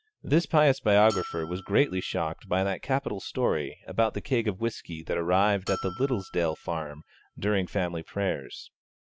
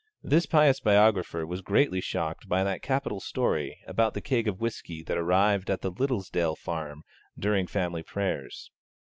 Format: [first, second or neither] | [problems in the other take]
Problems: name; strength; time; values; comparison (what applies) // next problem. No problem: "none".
second | background sound (Bell); 16 dB below the speech